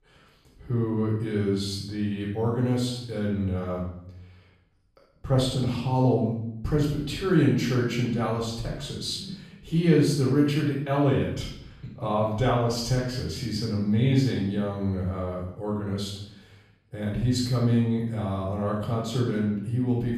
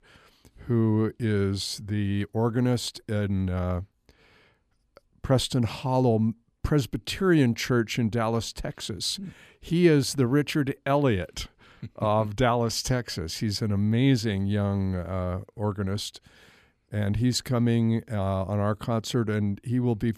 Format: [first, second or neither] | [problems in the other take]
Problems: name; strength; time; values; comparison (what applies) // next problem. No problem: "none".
second | off-mic speech; far // room echo; noticeable; dies away in 0.7 s